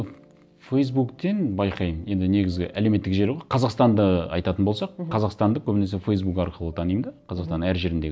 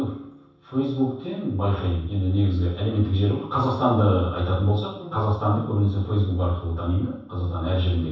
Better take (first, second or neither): first